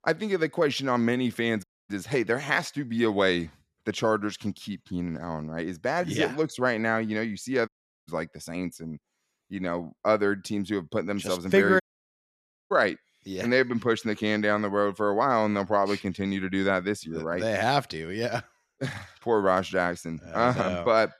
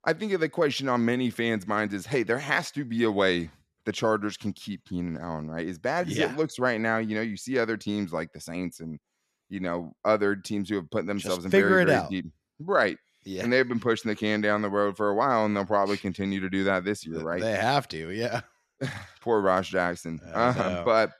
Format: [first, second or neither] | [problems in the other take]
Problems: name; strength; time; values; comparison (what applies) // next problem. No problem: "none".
second | audio cutting out; at 1.5 s, at 7.5 s and at 12 s for 1 s